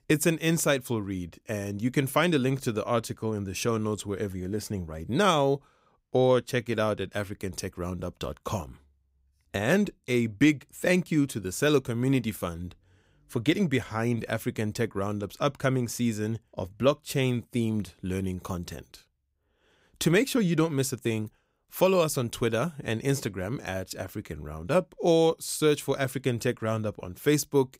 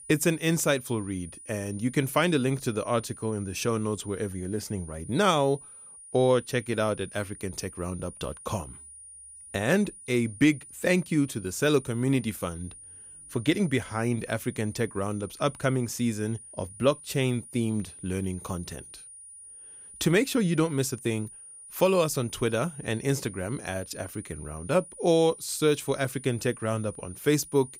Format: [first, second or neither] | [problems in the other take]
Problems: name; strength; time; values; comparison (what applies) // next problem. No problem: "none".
first | high-pitched whine; noticeable; throughout; 9.5 kHz, 15 dB below the speech